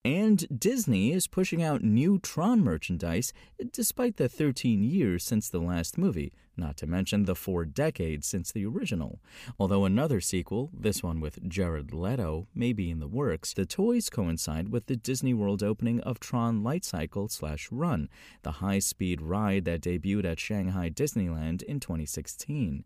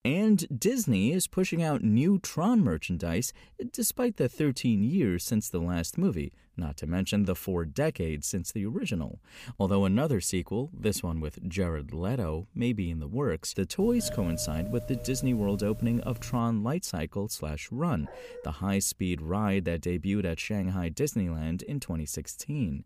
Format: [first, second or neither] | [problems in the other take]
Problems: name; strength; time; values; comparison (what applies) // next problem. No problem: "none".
first | doorbell; noticeable; from 14 to 16 s; peak 9 dB below the speech // dog barking; faint; at 18 s; peak 15 dB below the speech